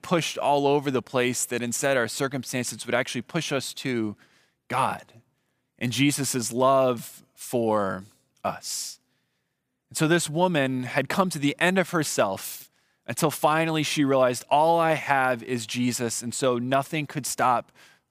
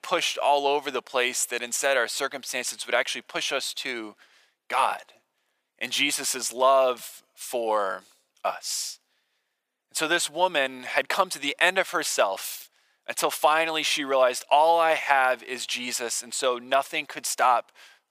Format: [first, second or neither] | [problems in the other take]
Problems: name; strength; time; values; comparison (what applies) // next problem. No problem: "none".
first | thin; very; fading below 600 Hz